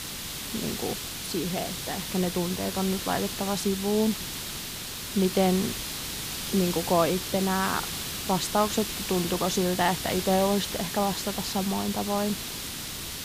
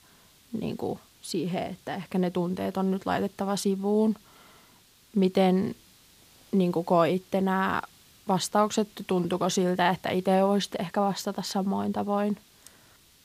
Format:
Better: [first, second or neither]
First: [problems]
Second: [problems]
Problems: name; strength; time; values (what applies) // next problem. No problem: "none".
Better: second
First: hiss; loud; throughout; 4 dB below the speech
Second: hiss; faint; throughout; 30 dB below the speech